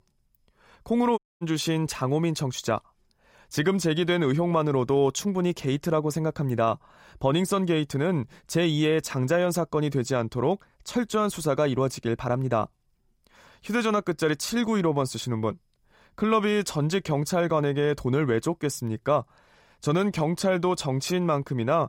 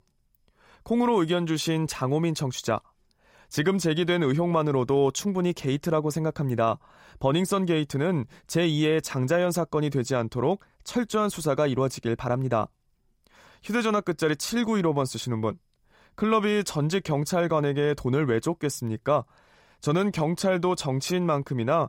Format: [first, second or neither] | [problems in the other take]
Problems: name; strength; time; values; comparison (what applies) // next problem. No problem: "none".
second | audio cutting out; at 1 s